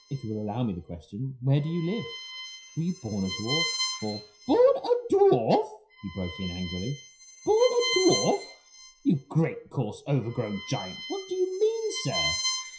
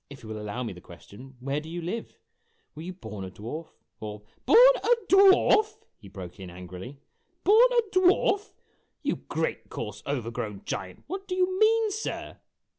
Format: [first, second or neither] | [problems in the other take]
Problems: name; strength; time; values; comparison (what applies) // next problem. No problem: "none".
second | noise reduction (classical method WPE with log-MMSE)